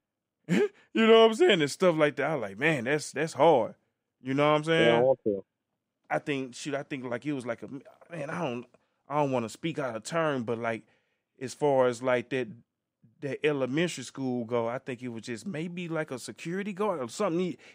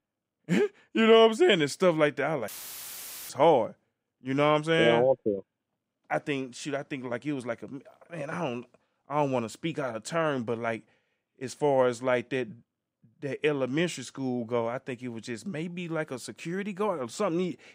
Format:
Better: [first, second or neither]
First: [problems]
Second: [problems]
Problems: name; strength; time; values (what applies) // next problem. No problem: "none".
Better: first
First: none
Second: audio cutting out; filled with static; at 2.5 s for 1 s